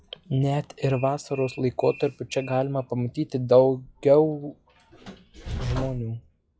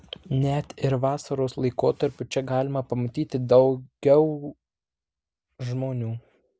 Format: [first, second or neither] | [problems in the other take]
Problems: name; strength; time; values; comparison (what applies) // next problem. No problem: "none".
second | noise reduction (classical method log-MMSE)